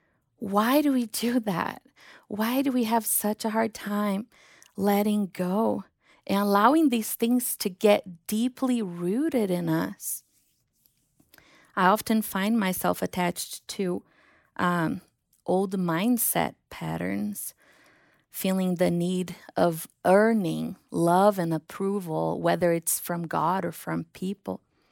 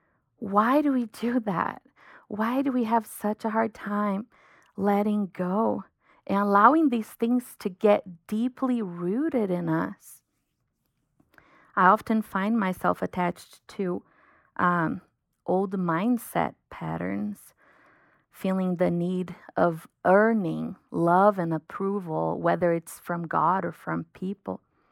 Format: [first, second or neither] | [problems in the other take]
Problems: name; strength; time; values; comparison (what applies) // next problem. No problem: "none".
first | muffled; very; fading above 3 kHz